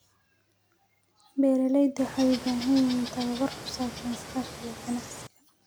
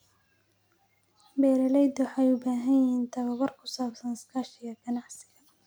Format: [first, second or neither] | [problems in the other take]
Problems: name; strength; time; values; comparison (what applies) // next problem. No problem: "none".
second | background sound (Water / Bird); 11 dB below the speech